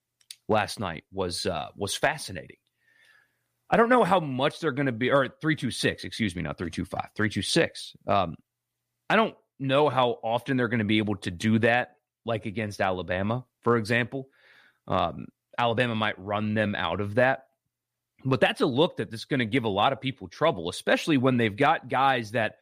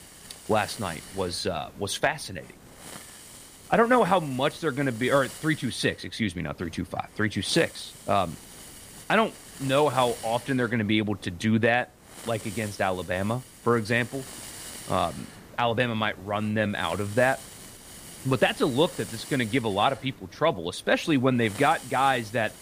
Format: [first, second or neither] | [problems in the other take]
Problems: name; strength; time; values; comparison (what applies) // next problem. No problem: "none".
first | hiss; noticeable; throughout; 15 dB below the speech